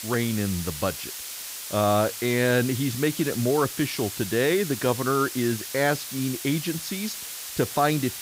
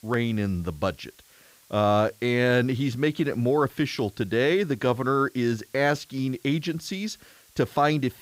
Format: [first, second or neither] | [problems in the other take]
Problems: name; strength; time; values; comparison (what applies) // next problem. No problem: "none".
second | hiss; loud; throughout; 7 dB below the speech; faint in the second